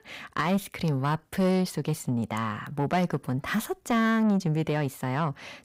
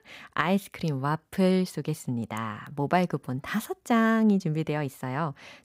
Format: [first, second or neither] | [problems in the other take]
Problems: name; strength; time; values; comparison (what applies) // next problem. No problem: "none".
second | distortion; slight; 10 dB below the speech